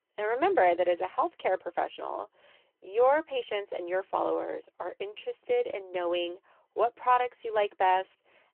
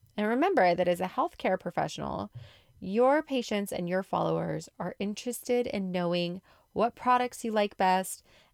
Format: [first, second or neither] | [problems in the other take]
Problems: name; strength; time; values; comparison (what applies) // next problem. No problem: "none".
second | phone-call audio